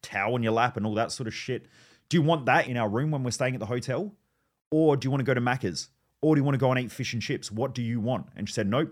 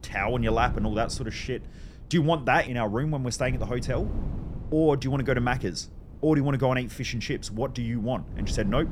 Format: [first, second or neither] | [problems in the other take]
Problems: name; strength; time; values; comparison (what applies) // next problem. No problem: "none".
first | wind noise on the microphone; occasional gusts; 20 dB below the speech